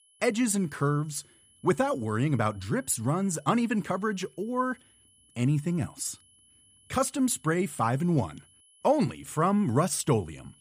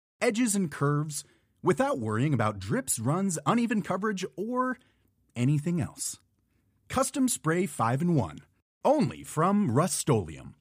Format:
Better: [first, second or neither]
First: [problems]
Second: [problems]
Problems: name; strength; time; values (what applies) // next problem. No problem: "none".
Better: second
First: high-pitched whine; faint; throughout; 10.5 kHz, 30 dB below the speech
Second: none